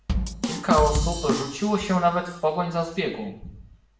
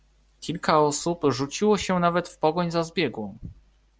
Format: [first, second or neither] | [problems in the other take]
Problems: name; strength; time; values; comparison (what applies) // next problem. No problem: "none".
second | background sound (Bass drum / Drum kit); 4 dB below the speech // room echo; dies away in 0.7 s